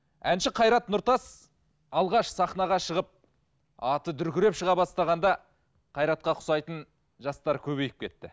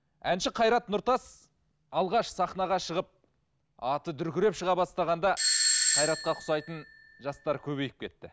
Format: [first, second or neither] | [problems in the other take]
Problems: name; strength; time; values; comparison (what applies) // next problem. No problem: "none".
first | background sound (Doorbell); 1 dB above the speech